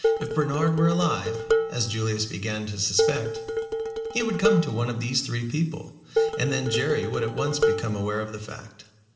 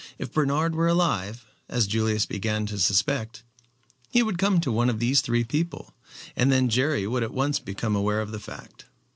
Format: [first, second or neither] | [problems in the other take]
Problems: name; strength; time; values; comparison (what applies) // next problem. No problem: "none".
second | background sound (Dishes, pots, and pans); 1 dB below the speech // room echo; dies away in 1.7 s